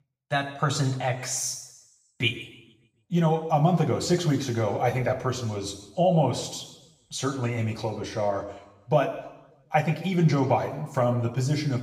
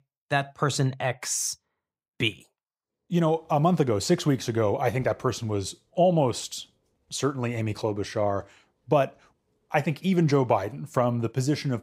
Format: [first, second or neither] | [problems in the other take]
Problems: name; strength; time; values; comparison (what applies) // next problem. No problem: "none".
second | room echo; slight; dies away in 0.9 s // off-mic speech; somewhat distant